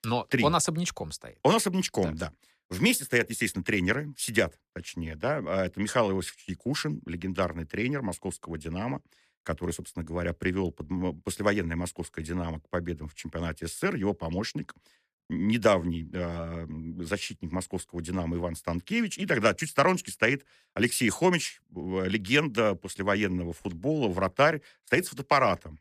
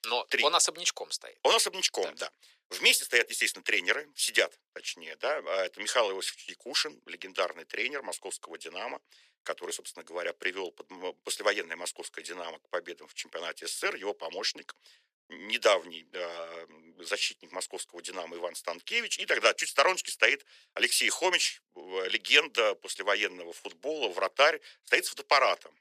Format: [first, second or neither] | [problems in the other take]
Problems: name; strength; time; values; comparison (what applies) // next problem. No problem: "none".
first | thin; very; fading below 450 Hz